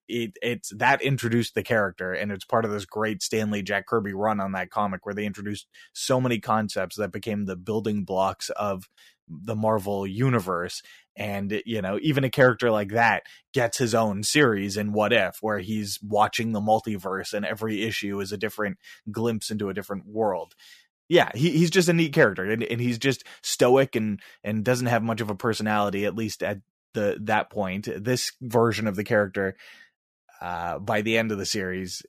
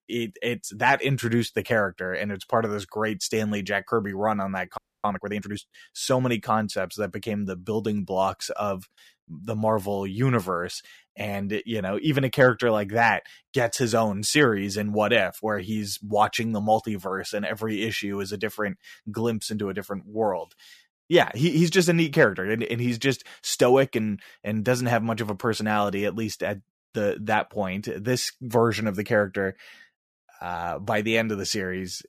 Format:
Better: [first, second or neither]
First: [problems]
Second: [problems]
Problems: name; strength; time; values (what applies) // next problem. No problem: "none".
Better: first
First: none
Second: audio freezing; at 5 s